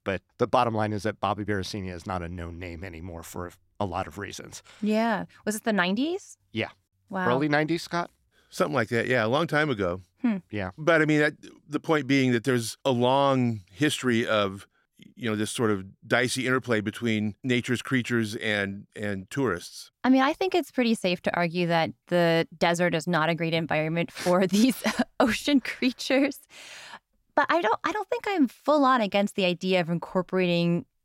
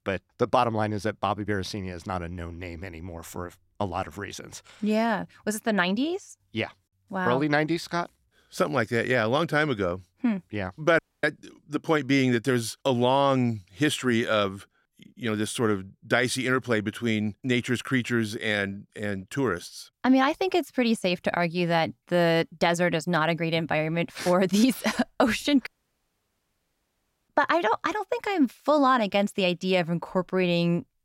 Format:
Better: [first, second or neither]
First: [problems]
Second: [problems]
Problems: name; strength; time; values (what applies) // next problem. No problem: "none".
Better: first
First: none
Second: audio cutting out; at 11 s and at 26 s for 1.5 s